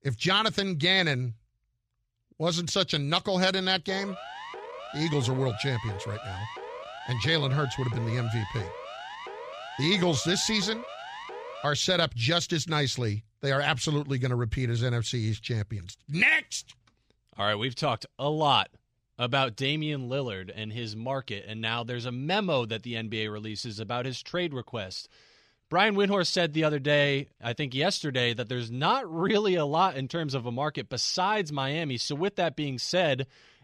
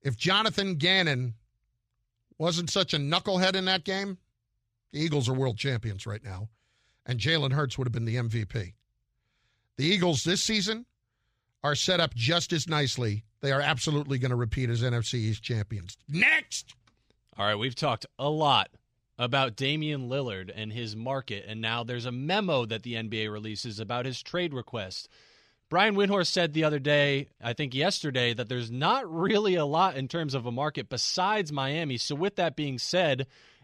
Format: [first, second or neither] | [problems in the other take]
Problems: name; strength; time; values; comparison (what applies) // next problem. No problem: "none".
second | siren; faint; from 4 to 12 s; peak 10 dB below the speech